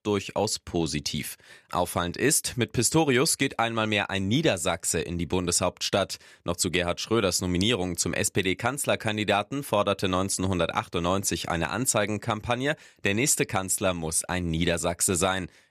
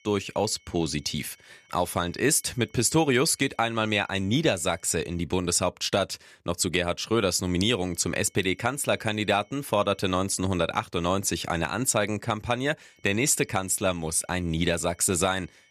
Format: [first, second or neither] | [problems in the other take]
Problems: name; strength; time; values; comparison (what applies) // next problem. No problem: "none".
first | high-pitched whine; faint; until 5 s, from 7.5 to 10 s and from 13 s on; 2 kHz, 35 dB below the speech